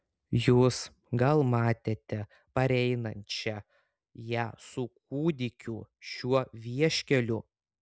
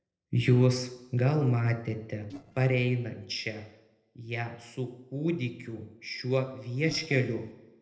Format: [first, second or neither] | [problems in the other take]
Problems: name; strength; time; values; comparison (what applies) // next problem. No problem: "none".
first | noise reduction (neural separator model SepFormer DNS4)